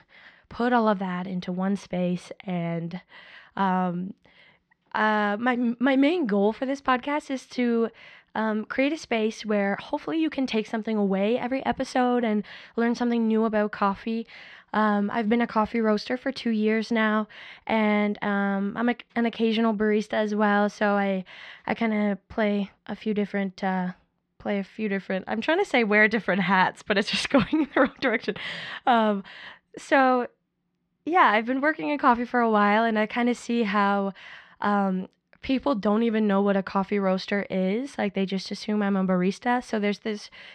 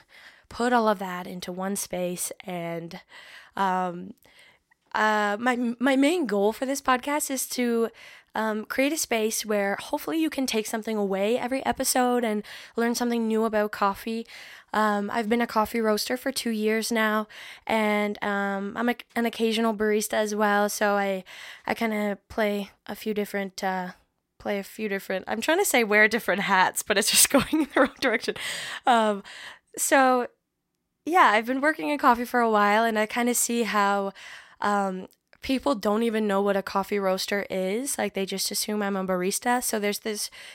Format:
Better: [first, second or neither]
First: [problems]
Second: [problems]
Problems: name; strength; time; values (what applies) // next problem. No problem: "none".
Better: second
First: muffled; slightly; fading above 4 kHz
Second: none